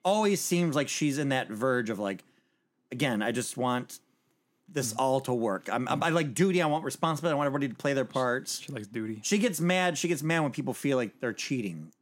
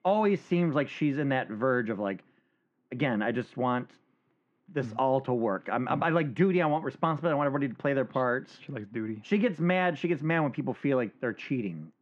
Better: first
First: none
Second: muffled; very; fading above 2.5 kHz

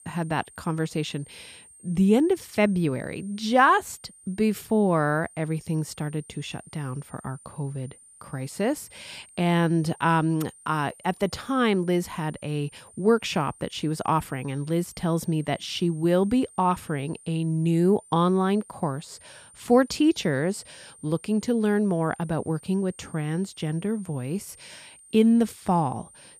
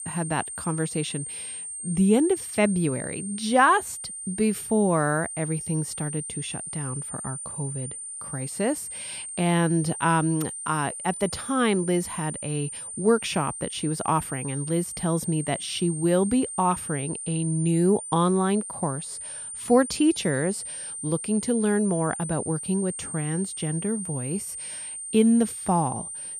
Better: first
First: high-pitched whine; faint; throughout; 8.5 kHz, 25 dB below the speech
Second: high-pitched whine; loud; throughout; 8.5 kHz, 7 dB below the speech

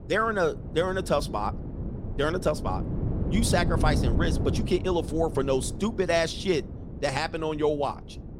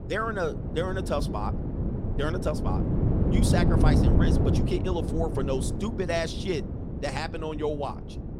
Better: first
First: wind noise on the microphone; occasional gusts; 15 dB below the speech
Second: wind noise on the microphone; heavy; 4 dB below the speech

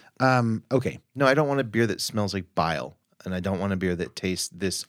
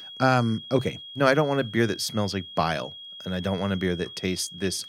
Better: first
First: none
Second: high-pitched whine; noticeable; throughout; 3.5 kHz, 15 dB below the speech

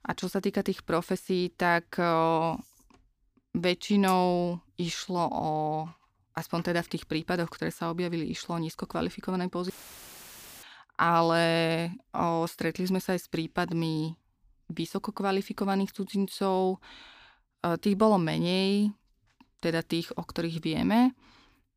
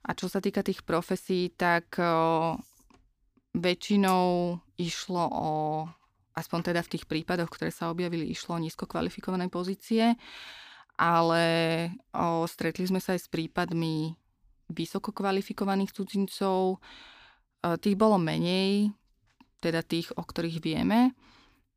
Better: second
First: audio cutting out; filled with static; at 9.5 s for 1 s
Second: none

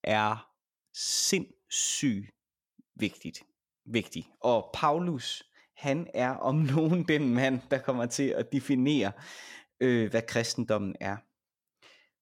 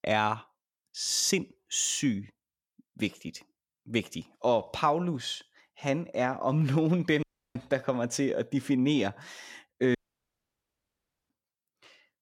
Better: first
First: none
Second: audio cutting out; at 7 s and at 10 s for 1.5 s

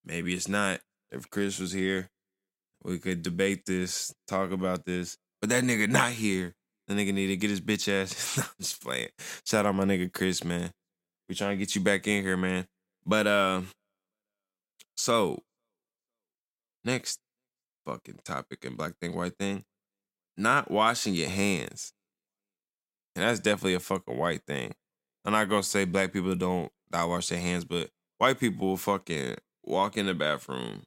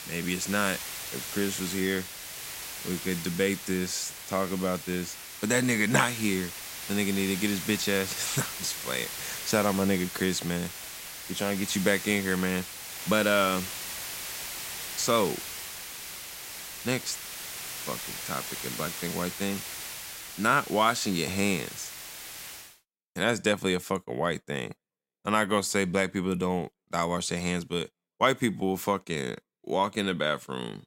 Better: first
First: none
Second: hiss; loud; until 23 s; 8 dB below the speech

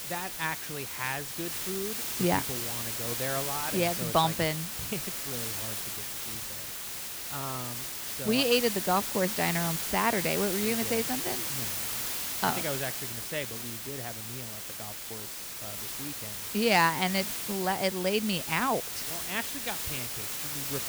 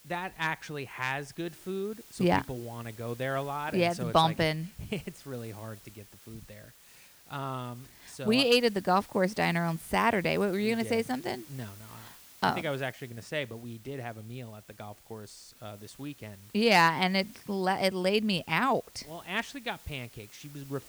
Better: second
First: hiss; loud; throughout; 2 dB below the speech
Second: hiss; faint; throughout; 25 dB below the speech

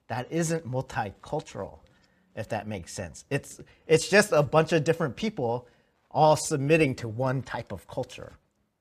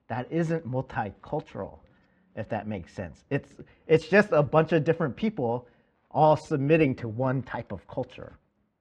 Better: first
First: none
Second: muffled; slightly; fading above 2.5 kHz

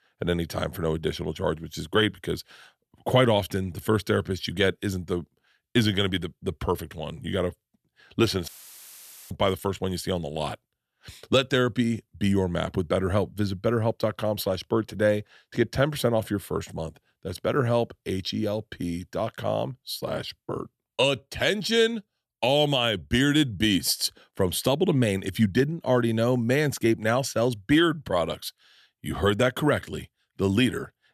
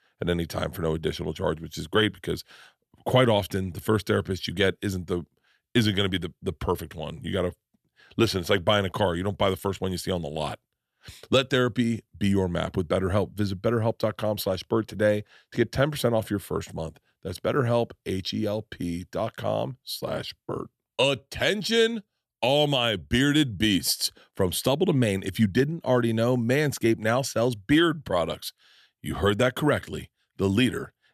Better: second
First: audio cutting out; filled with static; at 8.5 s for 1 s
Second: none

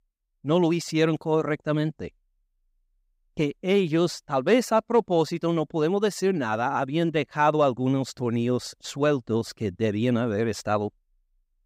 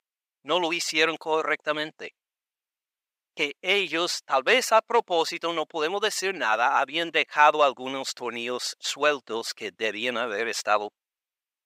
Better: first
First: none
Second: thin; very; fading below 700 Hz

